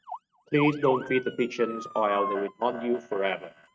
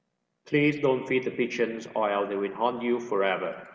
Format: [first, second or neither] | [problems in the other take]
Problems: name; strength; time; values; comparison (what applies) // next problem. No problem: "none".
second | noise reduction (neural mask model RNNoise)